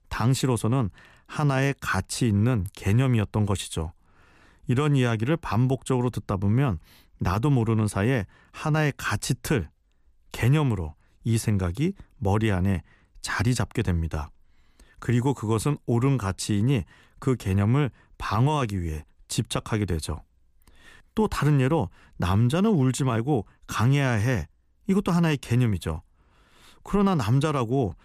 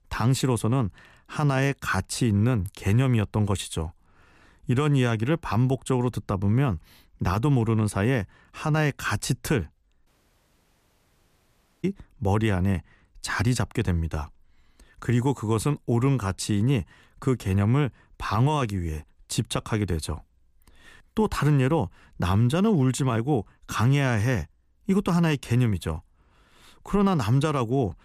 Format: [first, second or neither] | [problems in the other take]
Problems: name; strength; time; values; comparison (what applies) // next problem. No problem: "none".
first | audio cutting out; at 10 s for 2 s